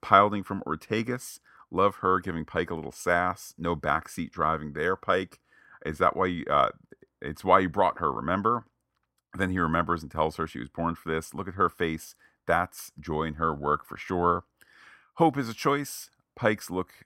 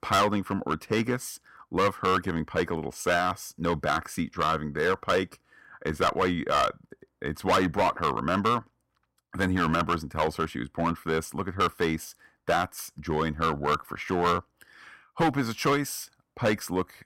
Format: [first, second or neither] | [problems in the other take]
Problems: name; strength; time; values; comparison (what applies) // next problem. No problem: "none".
first | distortion; heavy; 6% of the sound clipped